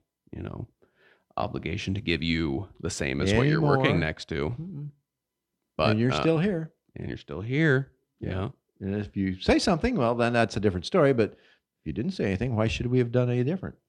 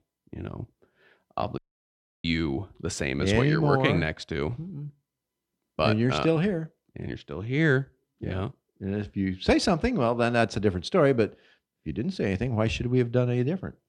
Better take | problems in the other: first | audio cutting out; at 1.5 s for 0.5 s

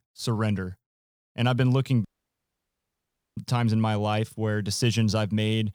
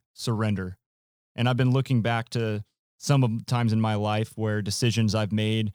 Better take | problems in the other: second | audio cutting out; at 2 s for 1.5 s

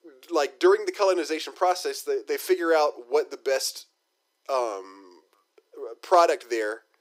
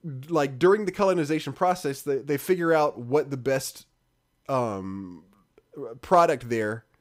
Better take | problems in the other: second | thin; very; fading below 350 Hz

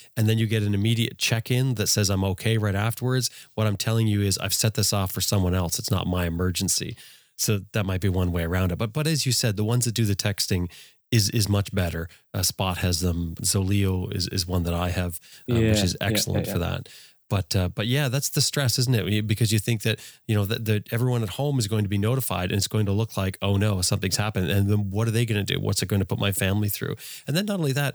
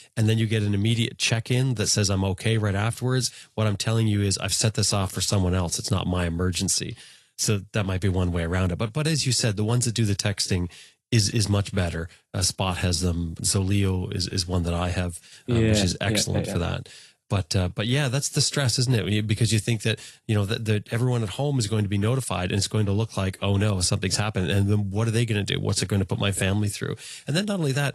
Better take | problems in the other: first | garbled, watery; slightly; nothing above 11.5 kHz

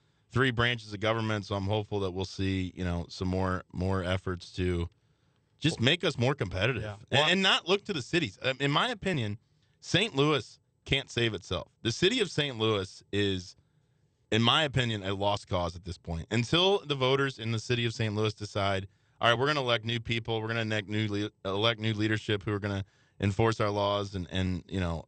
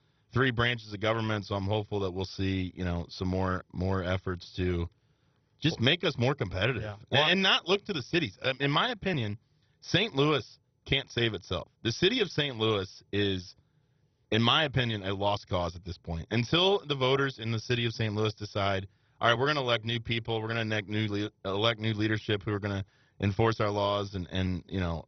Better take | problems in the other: first | garbled, watery; badly; nothing above 6 kHz; slightly in the first

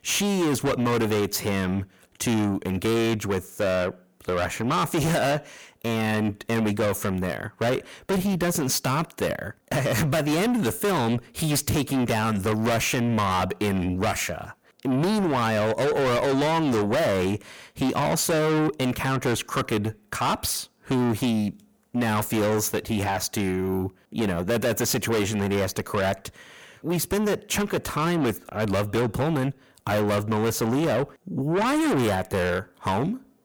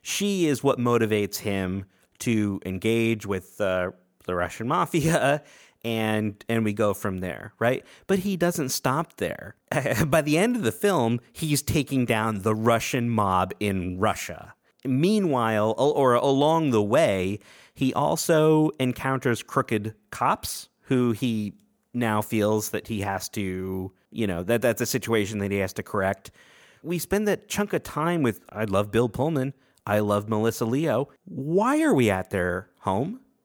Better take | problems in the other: second | distortion; heavy; 6 dB below the speech

